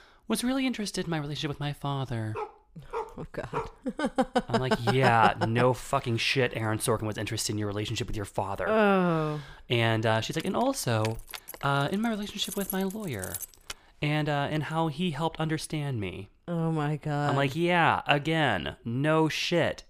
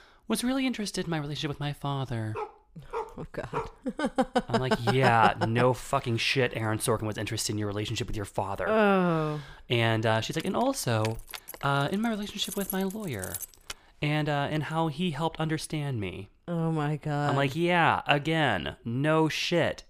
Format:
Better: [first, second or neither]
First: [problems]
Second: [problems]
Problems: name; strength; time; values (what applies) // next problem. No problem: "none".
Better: neither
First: dog barking; noticeable; from 2.5 to 3.5 s; peak 9 dB below the speech // jangling keys; noticeable; from 10 to 14 s; peak 8 dB below the speech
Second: dog barking; noticeable; from 2.5 to 3.5 s; peak 9 dB below the speech // jangling keys; noticeable; from 10 to 14 s; peak 8 dB below the speech